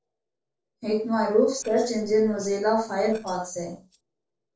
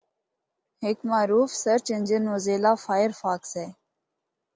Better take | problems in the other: second | noise reduction (neural separator model SepFormer DNS4)

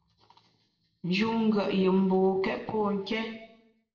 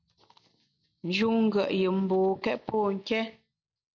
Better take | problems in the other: second | room echo; dies away in 0.8 s

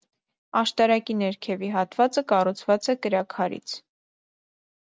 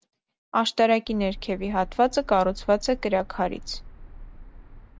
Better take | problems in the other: first | background sound (Car); 15 dB below the speech

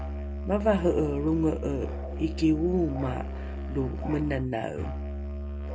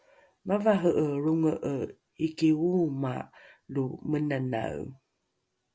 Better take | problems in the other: second | background sound (Musical instrument); 5 dB below the speech

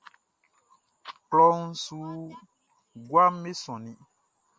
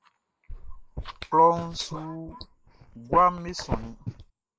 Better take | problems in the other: first | noise reduction (neural mask model Resemble Enhance denoiser)

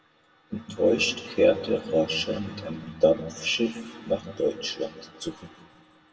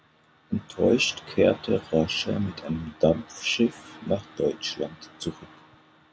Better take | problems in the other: second | room echo; dies away in 0.9 s

